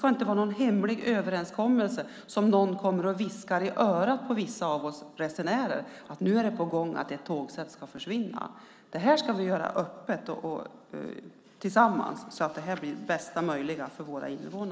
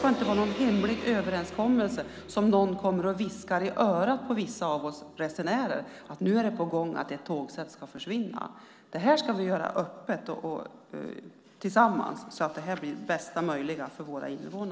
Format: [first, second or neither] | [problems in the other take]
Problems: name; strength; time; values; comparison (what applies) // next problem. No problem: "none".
first | background sound (Gong); 17 dB below the speech